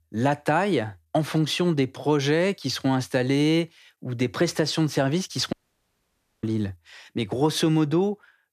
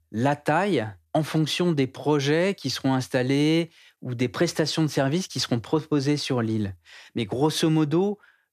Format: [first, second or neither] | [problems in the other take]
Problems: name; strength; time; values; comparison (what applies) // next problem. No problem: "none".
second | audio cutting out; at 5.5 s for 1 s